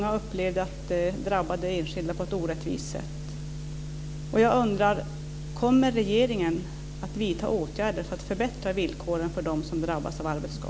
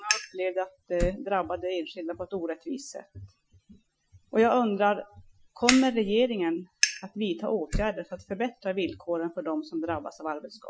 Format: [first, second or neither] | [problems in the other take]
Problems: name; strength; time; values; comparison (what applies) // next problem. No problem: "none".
first | noise reduction (classical method Wiener filter)